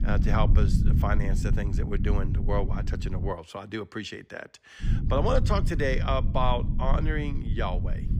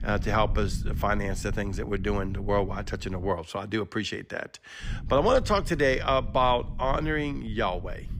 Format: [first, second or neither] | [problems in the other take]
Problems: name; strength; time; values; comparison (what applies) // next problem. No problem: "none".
second | low rumble; loud; until 3.5 s and from 5 s on; 10 dB below the speech; faint in the second